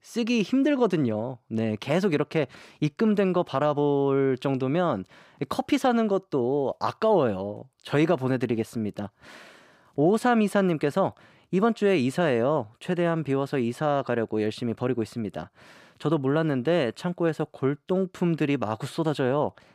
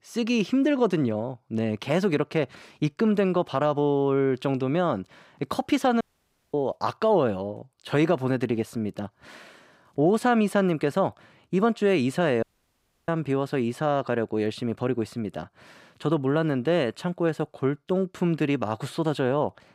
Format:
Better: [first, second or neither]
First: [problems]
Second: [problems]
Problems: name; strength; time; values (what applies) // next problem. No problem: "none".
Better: first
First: none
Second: audio cutting out; at 6 s for 0.5 s and at 12 s for 0.5 s